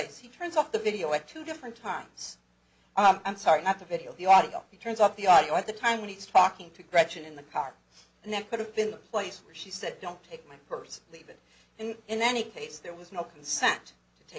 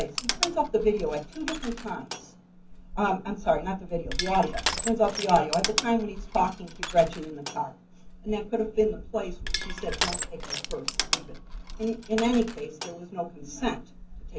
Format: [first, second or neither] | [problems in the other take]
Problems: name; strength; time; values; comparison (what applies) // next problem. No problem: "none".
first | background sound (Crushing); 6 dB below the speech // room echo; dies away in 0.3 s